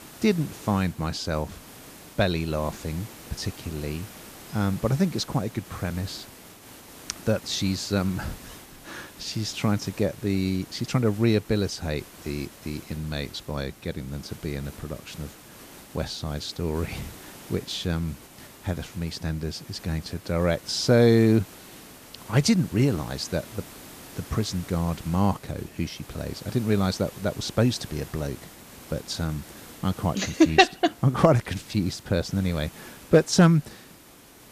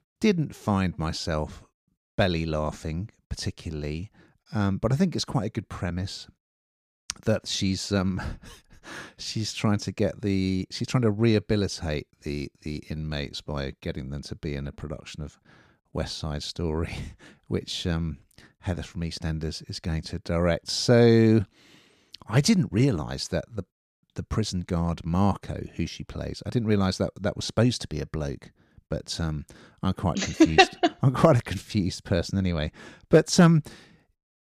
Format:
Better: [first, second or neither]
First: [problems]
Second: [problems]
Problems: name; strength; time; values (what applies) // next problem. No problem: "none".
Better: second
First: hiss; noticeable; throughout; 20 dB below the speech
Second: none